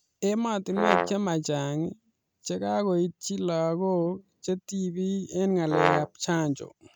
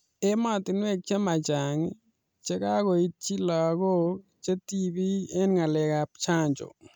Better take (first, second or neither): second